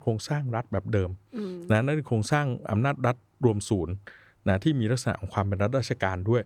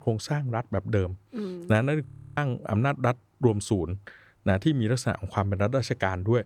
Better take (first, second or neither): first